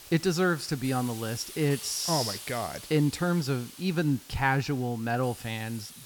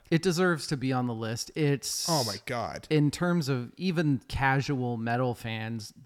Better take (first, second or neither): second